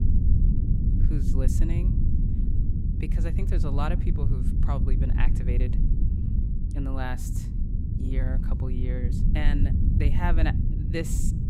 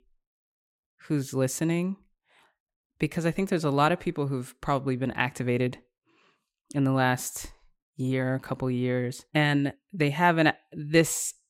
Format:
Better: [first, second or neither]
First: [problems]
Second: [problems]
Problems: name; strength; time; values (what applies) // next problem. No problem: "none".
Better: second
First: low rumble; loud; throughout; 3 dB below the speech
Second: none